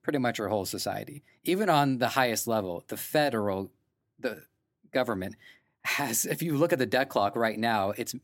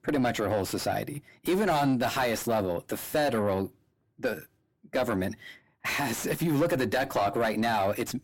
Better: first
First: none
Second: distortion; heavy; 6 dB below the speech

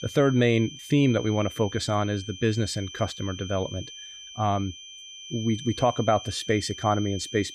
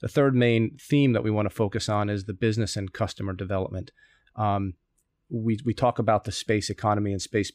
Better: second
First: high-pitched whine; noticeable; throughout; 3 kHz, 15 dB below the speech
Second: none

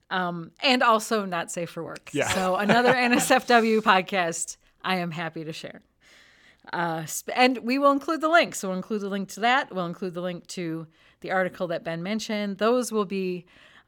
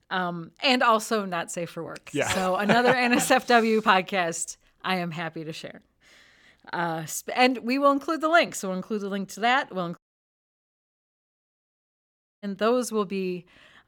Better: first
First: none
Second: audio cutting out; at 10 s for 2.5 s

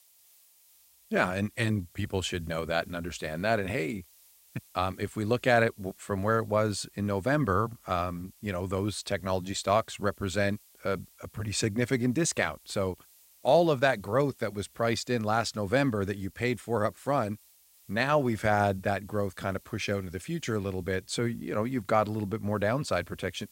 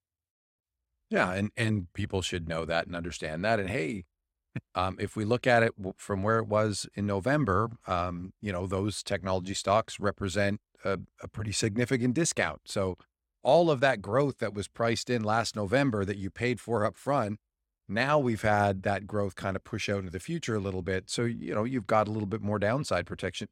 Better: second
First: hiss; faint; throughout; 25 dB below the speech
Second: none

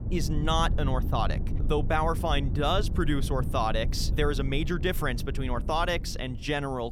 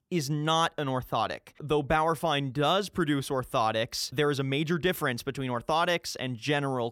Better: second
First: low rumble; noticeable; throughout; 15 dB below the speech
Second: none

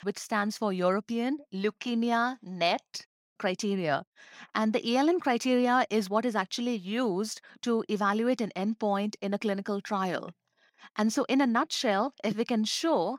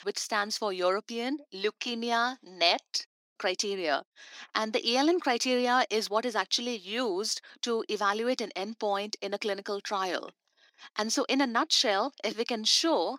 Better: first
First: none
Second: thin; very slightly; fading below 300 Hz

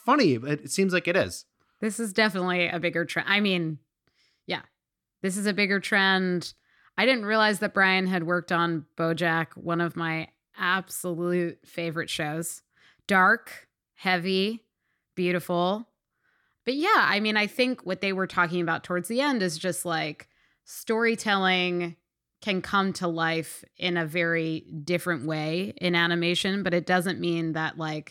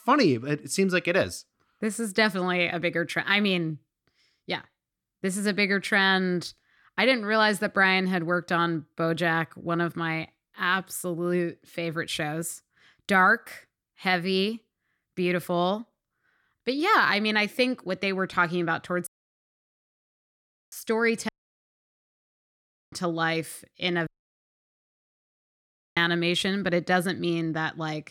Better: first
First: none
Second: audio cutting out; at 19 s for 1.5 s, at 21 s for 1.5 s and at 24 s for 2 s

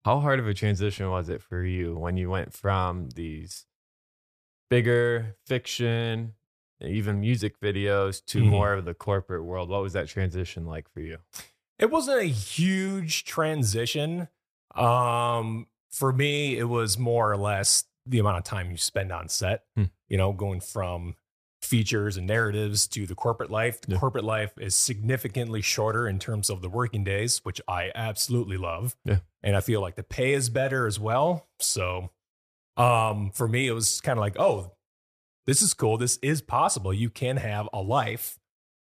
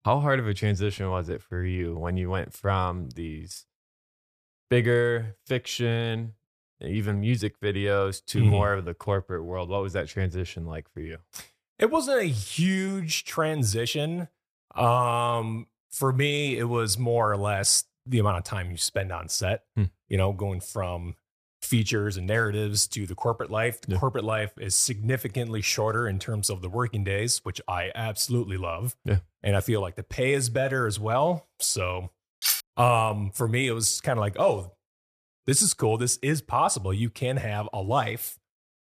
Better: first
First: none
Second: clattering dishes; loud; at 32 s; peak 2 dB above the speech

